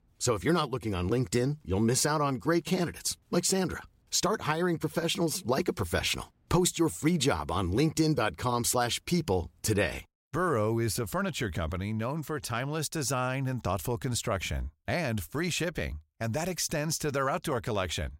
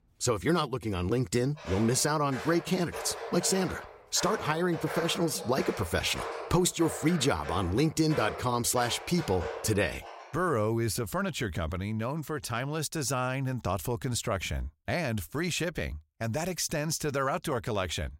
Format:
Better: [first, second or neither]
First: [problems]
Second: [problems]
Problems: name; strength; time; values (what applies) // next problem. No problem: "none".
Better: first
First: none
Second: footsteps; noticeable; from 1.5 to 10 s; peak 6 dB below the speech